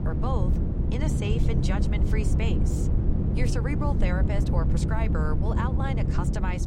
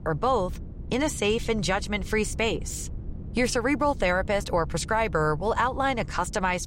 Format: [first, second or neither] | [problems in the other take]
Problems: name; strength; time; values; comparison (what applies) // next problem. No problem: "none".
second | low rumble; loud; throughout; 2 dB below the speech; faint in the second